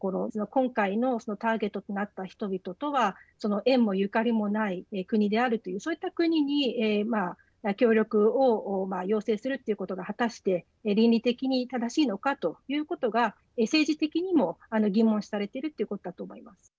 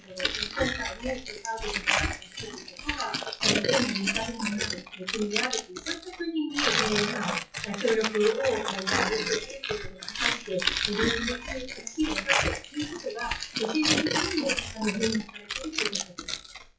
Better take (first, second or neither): first